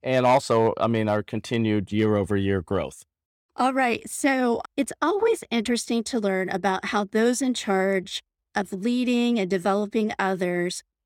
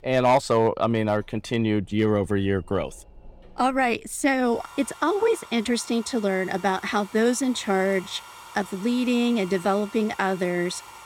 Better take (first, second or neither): first